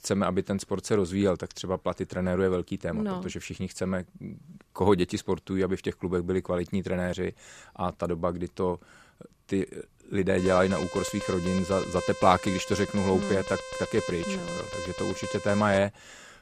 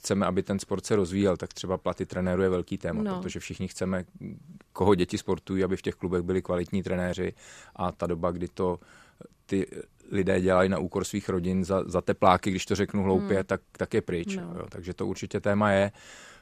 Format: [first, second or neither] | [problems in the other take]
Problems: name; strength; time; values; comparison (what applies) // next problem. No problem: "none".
second | alarm; noticeable; from 10 to 16 s; peak 7 dB below the speech